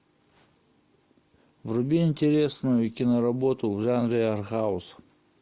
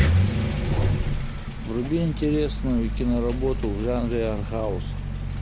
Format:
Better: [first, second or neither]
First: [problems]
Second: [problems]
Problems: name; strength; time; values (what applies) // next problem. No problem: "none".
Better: first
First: none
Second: background sound (Accelerating, revving, vroom); 2 dB above the speech